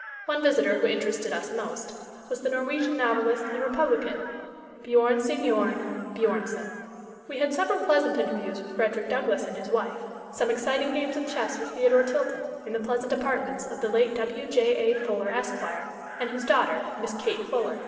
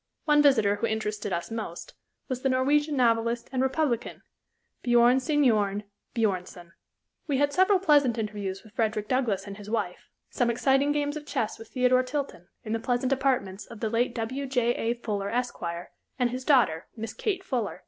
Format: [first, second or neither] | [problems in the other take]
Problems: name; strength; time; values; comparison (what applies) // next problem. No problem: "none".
second | background sound (Chicken, rooster); 19 dB below the speech // room echo; dies away in 2.8 s